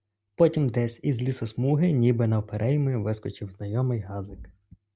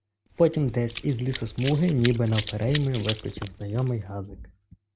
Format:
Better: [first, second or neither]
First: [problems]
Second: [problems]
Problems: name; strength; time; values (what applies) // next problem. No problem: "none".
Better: first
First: none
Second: background sound (Run); 12 dB below the speech